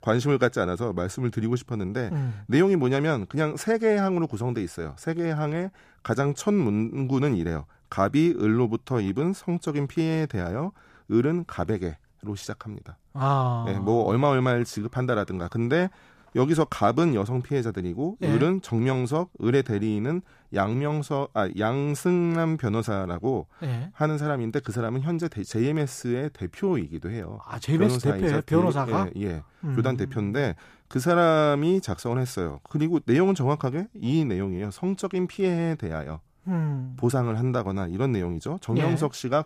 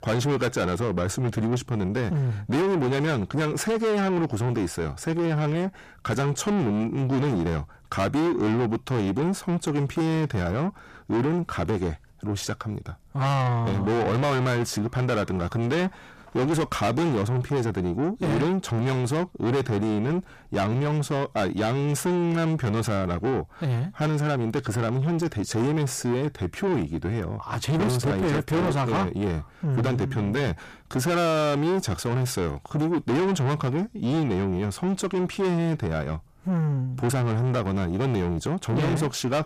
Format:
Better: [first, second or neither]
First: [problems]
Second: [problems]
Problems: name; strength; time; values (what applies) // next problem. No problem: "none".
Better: first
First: none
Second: distortion; heavy; 7 dB below the speech